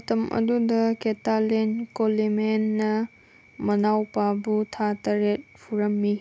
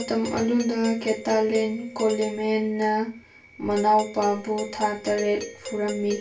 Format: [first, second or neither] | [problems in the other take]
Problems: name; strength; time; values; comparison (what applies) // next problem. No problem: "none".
first | background sound (Doorbell); 14 dB below the speech // room echo; dies away in 0.3 s